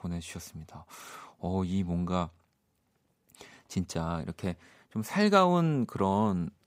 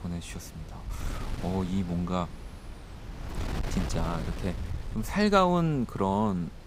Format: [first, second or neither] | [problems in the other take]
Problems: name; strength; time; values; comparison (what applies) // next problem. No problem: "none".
first | wind noise on the microphone; occasional gusts; 15 dB below the speech